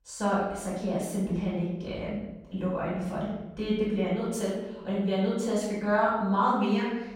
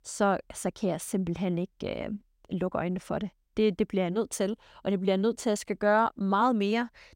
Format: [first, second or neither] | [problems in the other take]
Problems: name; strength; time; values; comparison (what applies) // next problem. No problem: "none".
second | room echo; noticeable; dies away in 0.9 s // off-mic speech; far